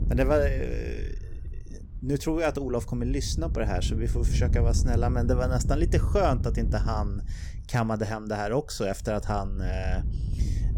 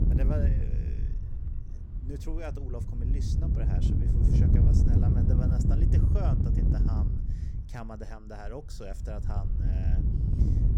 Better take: first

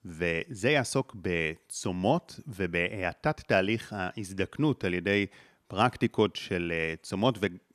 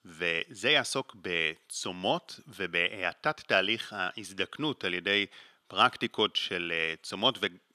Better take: first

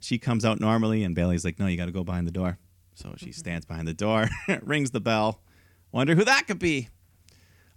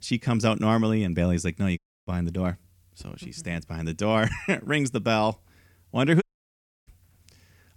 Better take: first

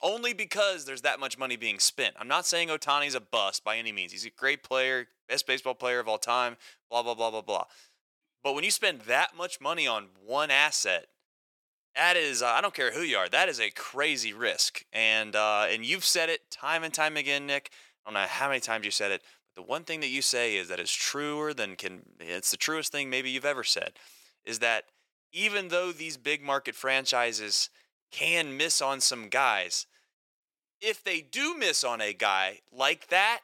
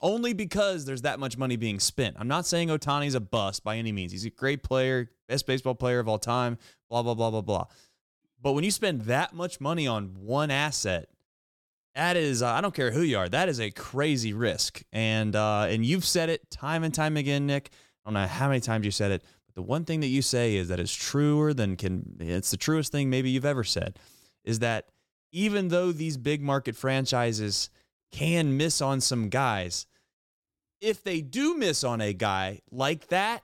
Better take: second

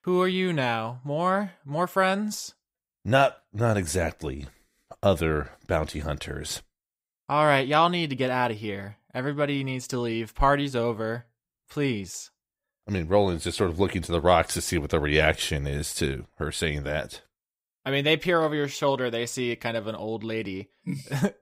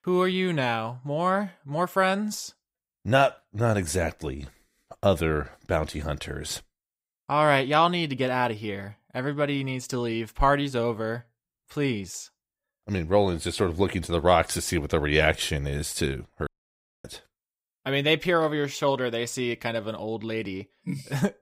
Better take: first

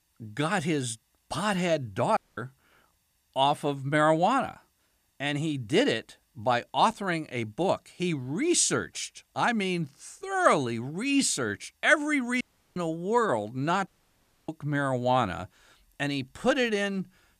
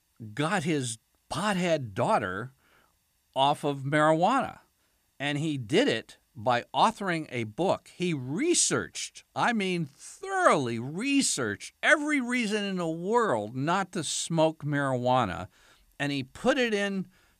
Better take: second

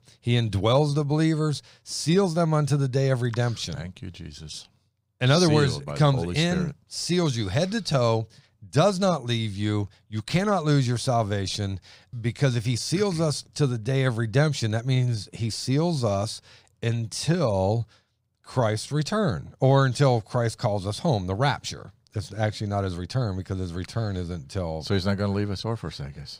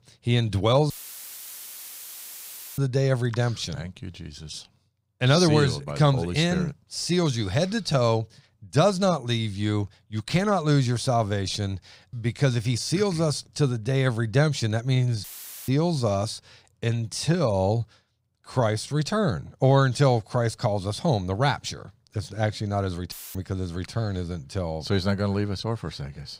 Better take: first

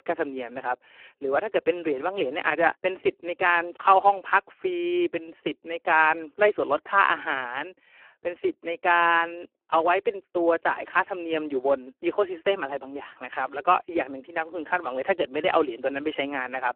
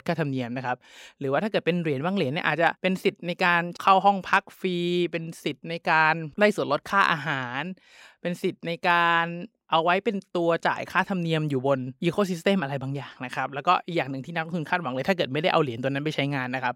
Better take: second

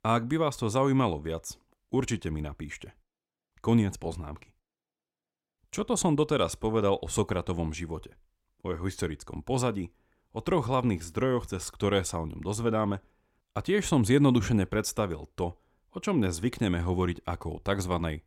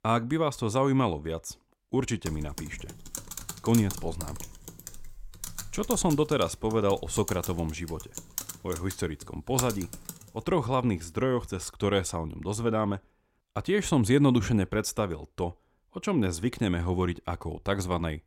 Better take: first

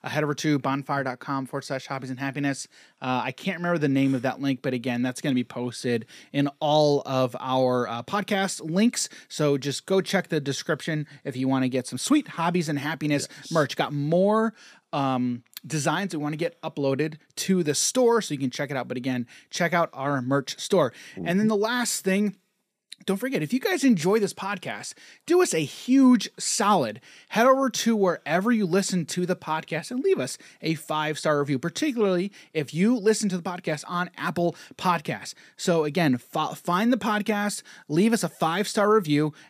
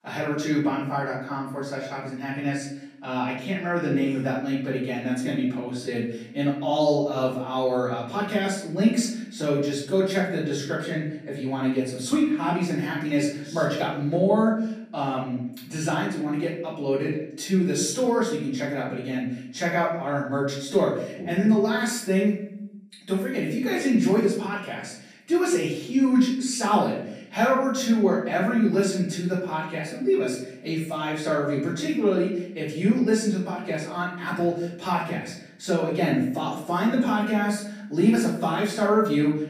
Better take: first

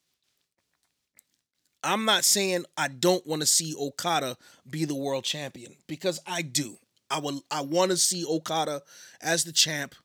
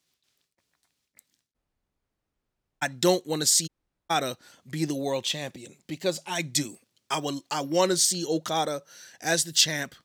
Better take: first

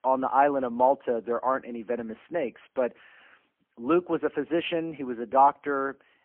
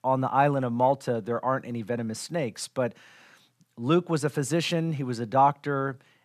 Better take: second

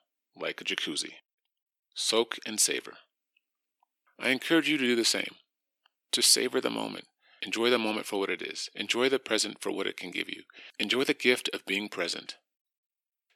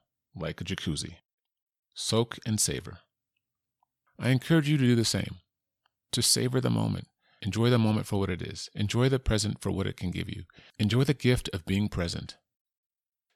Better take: second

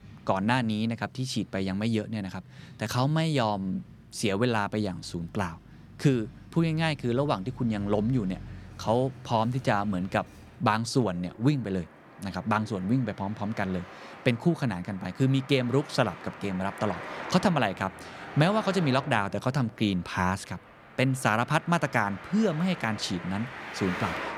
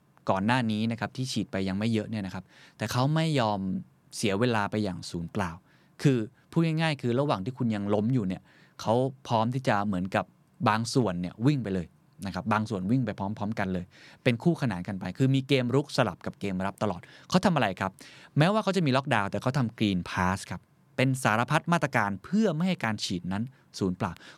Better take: second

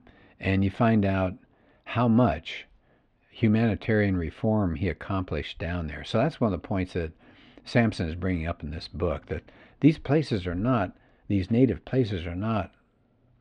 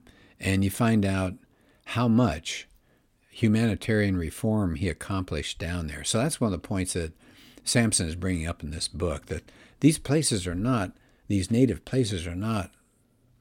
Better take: second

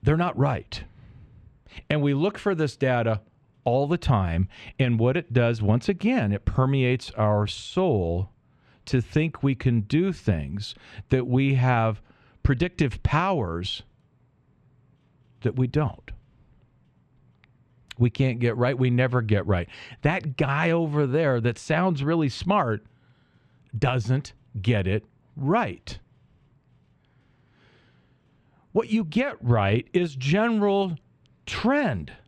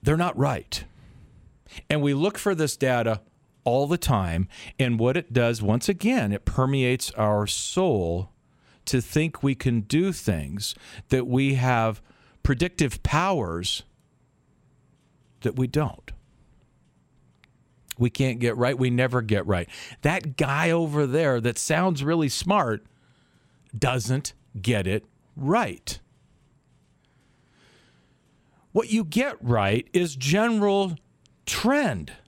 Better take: second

